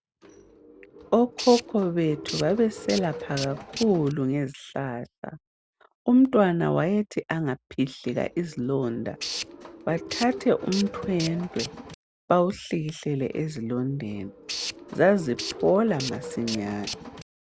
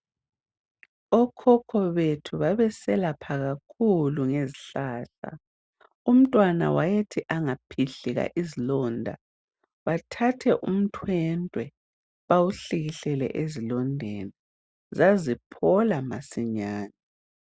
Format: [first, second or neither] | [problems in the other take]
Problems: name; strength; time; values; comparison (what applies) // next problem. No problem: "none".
second | background sound (Tools); 11 dB below the speech